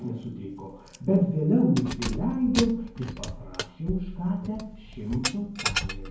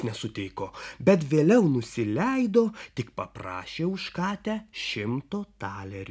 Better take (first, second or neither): second